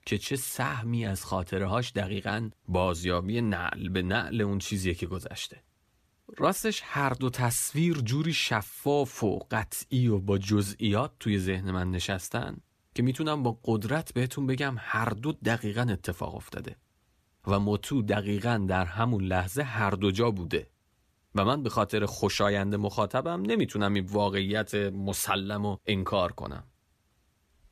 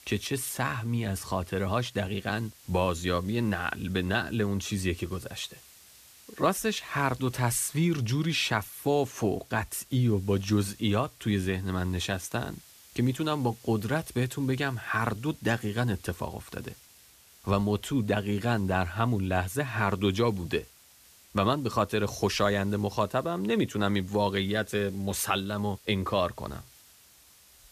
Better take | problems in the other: first | hiss; faint; throughout; 25 dB below the speech

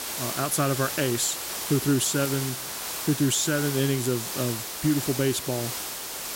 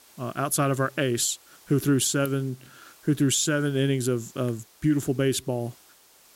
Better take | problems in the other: second | hiss; loud; throughout; 4 dB below the speech; faint in the second

